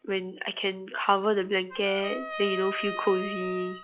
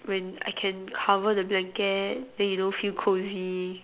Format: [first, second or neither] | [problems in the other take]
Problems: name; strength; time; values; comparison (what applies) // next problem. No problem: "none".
second | noise reduction (classical method log-MMSE)